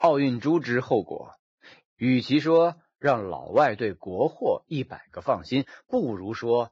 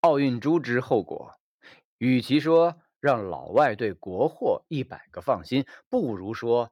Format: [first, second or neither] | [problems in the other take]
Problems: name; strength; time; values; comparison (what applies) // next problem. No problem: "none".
second | garbled, watery; badly